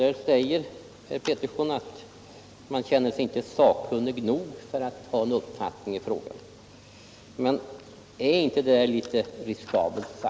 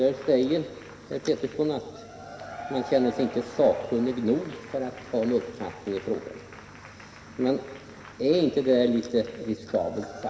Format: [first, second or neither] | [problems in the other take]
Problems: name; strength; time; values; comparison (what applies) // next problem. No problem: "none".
first | background sound (Applause / Crowd / Cheering); 18 dB below the speech // room echo; dies away in 1.4 s